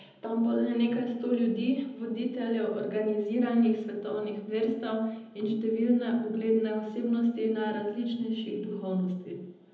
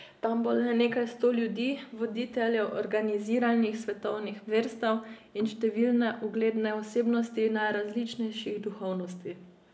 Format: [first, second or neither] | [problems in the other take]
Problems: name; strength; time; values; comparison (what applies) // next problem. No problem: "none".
second | room echo; dies away in 0.9 s